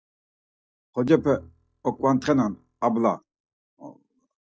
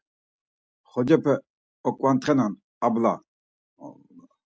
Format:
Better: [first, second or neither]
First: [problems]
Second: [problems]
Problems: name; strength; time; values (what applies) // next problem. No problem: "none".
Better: second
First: noise reduction (neural mask model DeepFilterNet 3)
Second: none